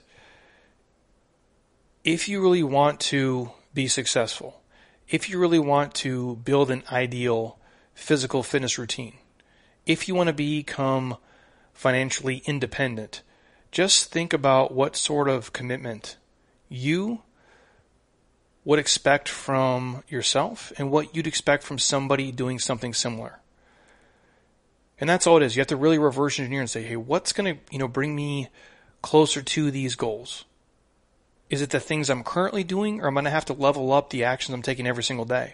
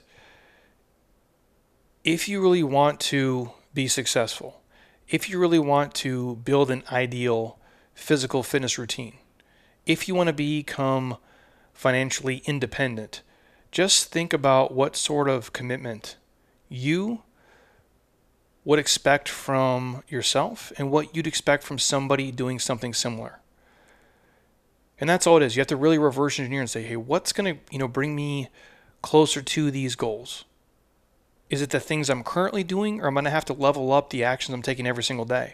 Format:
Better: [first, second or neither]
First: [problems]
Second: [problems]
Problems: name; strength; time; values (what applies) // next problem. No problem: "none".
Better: second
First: garbled, watery; slightly; nothing above 9 kHz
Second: none